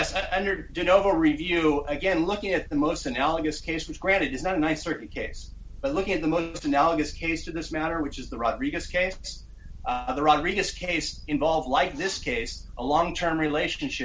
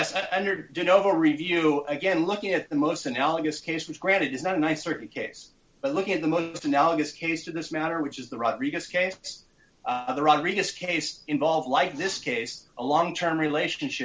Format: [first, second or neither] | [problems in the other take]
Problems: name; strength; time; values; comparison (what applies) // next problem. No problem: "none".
second | background sound (Purr); 14 dB below the speech